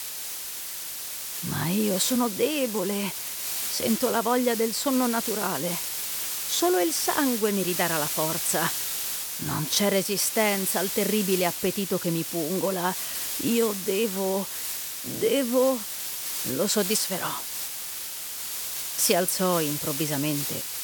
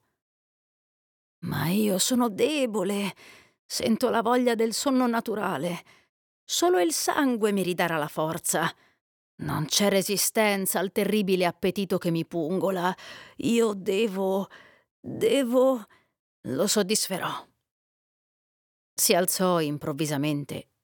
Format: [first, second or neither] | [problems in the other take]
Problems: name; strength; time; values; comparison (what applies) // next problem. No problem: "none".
second | hiss; loud; throughout; 3 dB below the speech